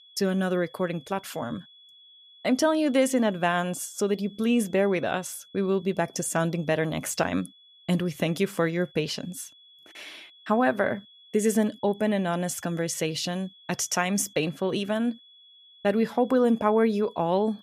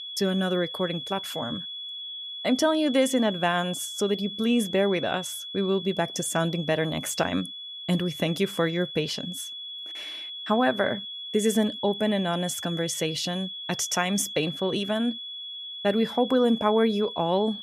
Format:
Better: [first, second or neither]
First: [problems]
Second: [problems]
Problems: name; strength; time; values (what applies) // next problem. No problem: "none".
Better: first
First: high-pitched whine; faint; throughout; 3.5 kHz, 25 dB below the speech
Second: high-pitched whine; loud; throughout; 3.5 kHz, 8 dB below the speech